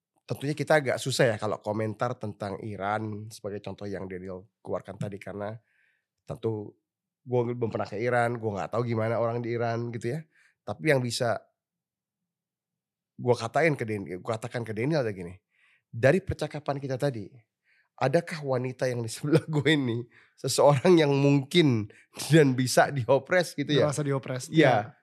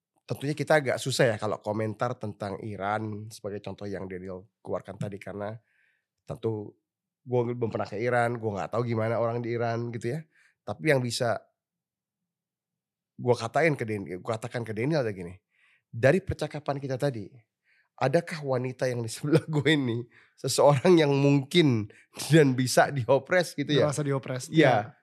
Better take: neither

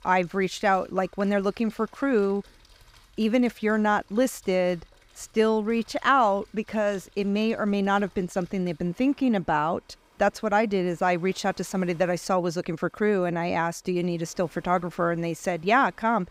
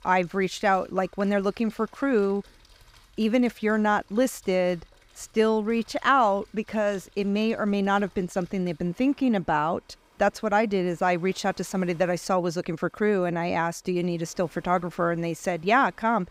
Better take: neither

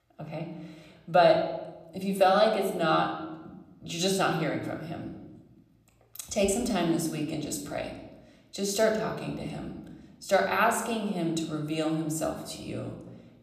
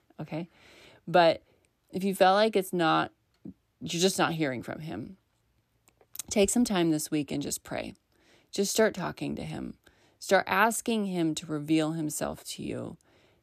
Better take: second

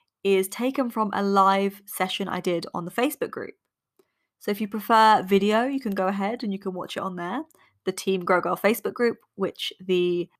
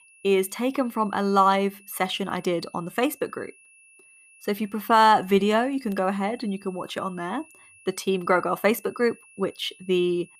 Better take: first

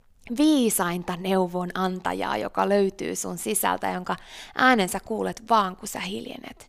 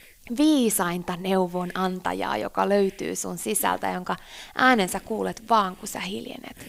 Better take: first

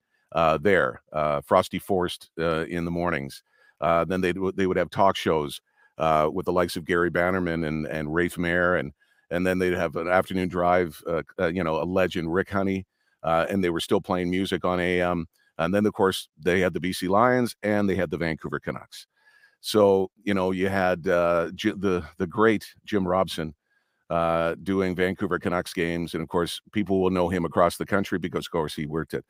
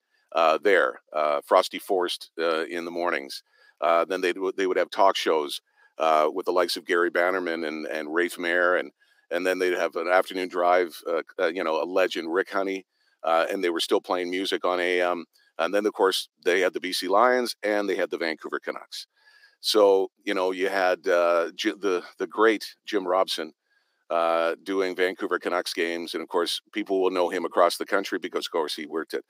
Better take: first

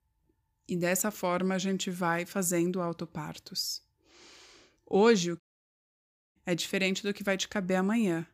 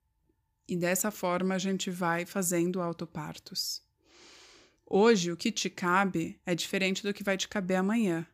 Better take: second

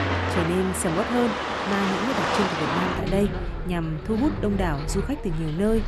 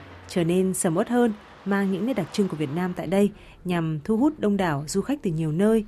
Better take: second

